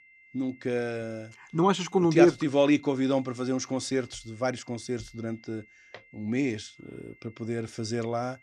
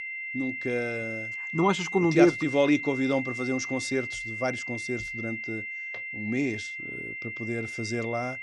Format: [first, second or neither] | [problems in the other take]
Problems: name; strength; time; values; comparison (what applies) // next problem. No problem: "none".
first | high-pitched whine; loud; throughout; 2 kHz, 5 dB below the speech; faint in the first